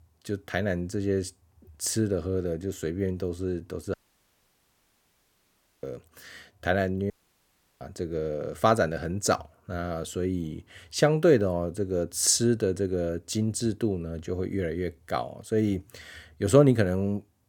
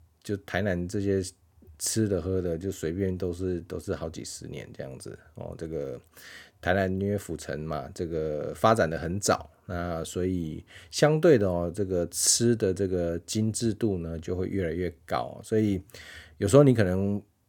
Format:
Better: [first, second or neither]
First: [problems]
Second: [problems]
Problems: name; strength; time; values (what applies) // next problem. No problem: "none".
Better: second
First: audio cutting out; at 4 s for 2 s and at 7 s for 0.5 s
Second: none